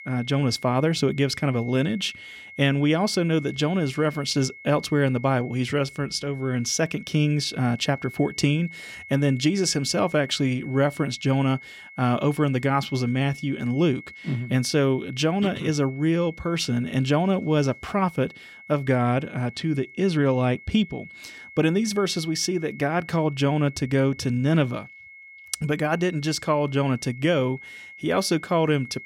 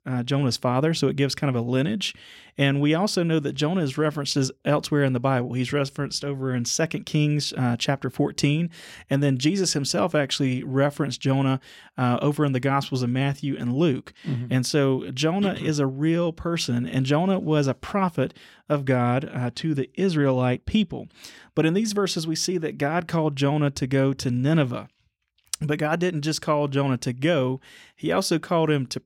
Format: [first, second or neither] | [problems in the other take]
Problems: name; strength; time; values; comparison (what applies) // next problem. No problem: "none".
second | high-pitched whine; noticeable; throughout; 2 kHz, 15 dB below the speech